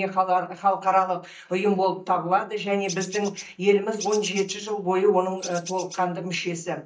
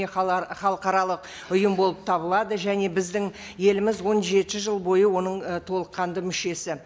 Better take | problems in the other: second | noise reduction (neural mask model DeepFilterNet 3)

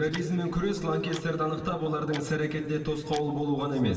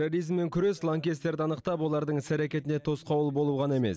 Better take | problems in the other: second | background sound (Tick-tock); 20 dB below the speech // room echo; dies away in 2.4 s

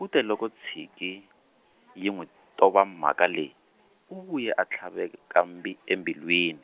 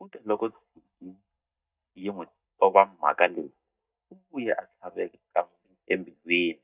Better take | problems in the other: first | noise reduction (neural mask model DeepFilterNet 3)

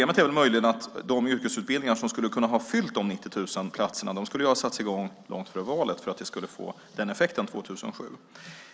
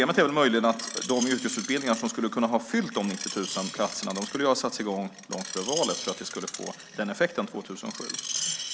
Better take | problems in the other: first | background sound (Screech); 9 dB below the speech

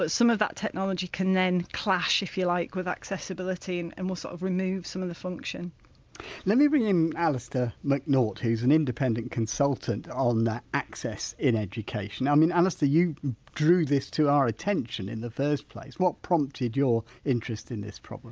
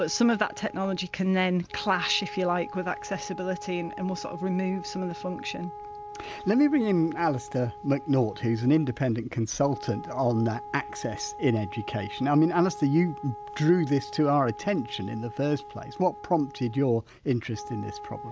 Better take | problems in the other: first | background sound (Wind instrument, woodwind instrument); 14 dB below the speech

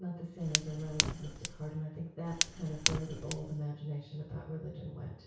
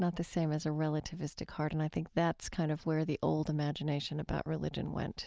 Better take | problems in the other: second | background sound (Fire); 2 dB above the speech // room echo; dies away in 0.6 s

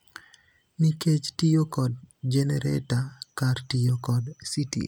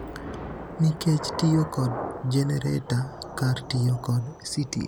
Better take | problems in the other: first | background sound (Thunder / Rain); 11 dB below the speech

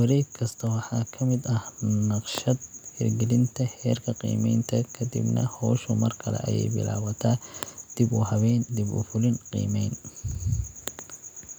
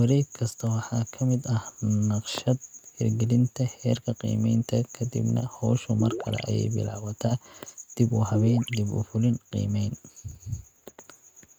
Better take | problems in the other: first | noise reduction (neural mask model RNNoise)

